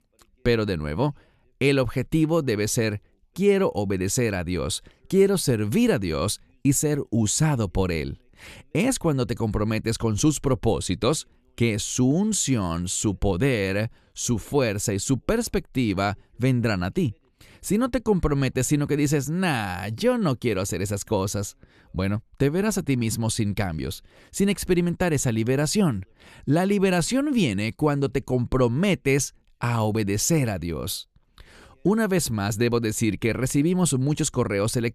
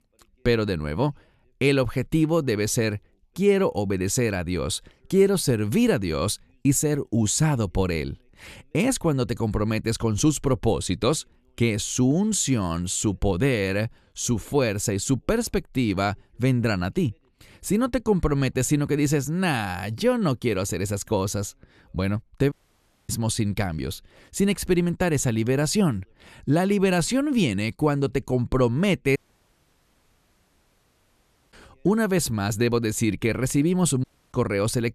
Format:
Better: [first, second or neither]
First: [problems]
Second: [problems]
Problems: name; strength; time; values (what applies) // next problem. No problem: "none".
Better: first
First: none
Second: audio cutting out; at 23 s for 0.5 s, at 29 s for 2.5 s and at 34 s